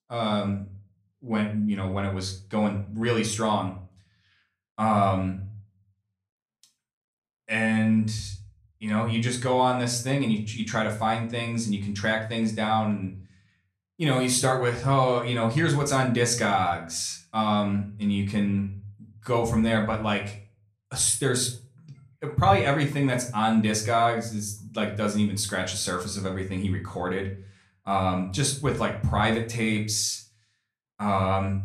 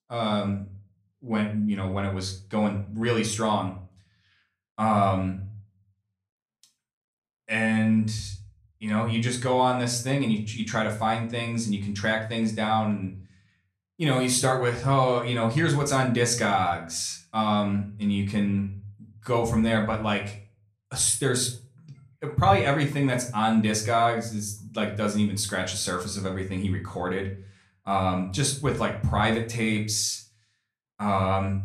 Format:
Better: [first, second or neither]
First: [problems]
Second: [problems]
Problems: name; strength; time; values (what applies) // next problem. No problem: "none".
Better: neither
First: room echo; slight; dies away in 0.4 s // off-mic speech; somewhat distant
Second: room echo; slight; dies away in 0.4 s // off-mic speech; somewhat distant